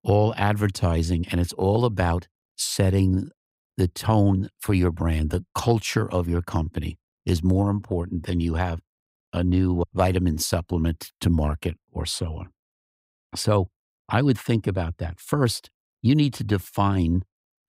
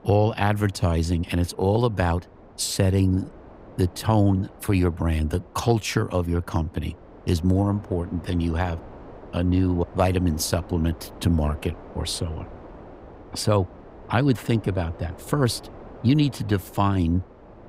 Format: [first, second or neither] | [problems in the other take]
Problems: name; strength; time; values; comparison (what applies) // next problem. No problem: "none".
first | wind noise on the microphone; occasional gusts; 20 dB below the speech